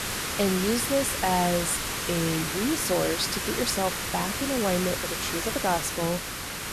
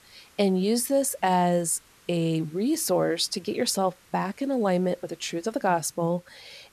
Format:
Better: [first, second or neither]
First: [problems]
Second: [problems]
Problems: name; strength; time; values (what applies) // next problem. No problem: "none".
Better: second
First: hiss; loud; throughout; 1 dB below the speech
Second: hiss; faint; throughout; 30 dB below the speech